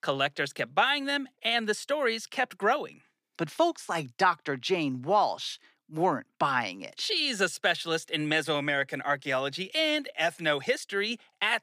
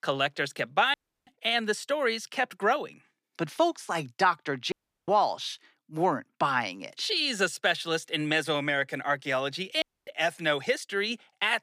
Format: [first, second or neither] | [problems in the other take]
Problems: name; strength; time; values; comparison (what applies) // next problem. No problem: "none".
first | audio cutting out; at 1 s, at 4.5 s and at 10 s